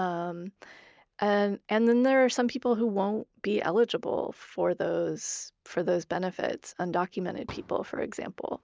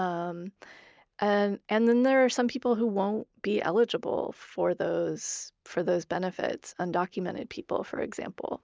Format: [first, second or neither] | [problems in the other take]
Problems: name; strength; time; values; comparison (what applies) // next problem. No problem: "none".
second | background sound (Fireworks); 19 dB below the speech